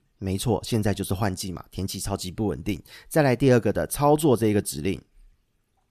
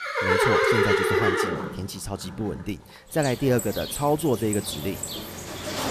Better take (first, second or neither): first